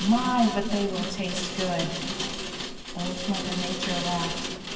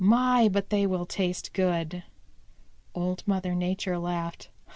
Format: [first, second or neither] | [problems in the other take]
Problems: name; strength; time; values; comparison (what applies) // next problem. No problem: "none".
second | background sound (Rain); 5 dB below the speech // room echo; dies away in 2.6 s